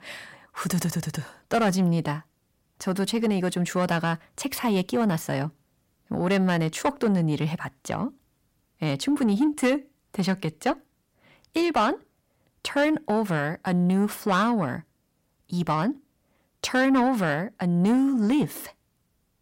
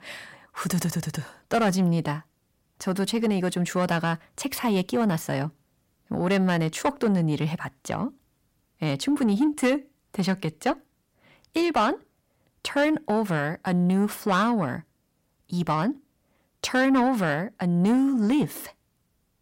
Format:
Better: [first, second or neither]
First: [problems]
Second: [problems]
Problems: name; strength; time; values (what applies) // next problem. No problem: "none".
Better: neither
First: distortion; slight; 10 dB below the speech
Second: distortion; slight; 10 dB below the speech